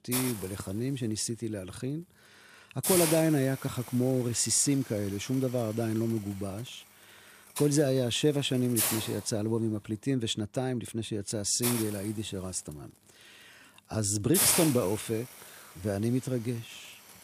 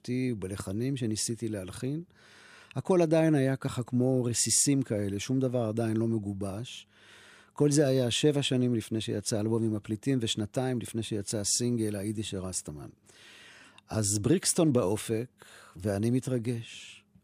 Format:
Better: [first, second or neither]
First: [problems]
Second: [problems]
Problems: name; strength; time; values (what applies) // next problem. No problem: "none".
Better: second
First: hiss; loud; throughout; 1 dB below the speech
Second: none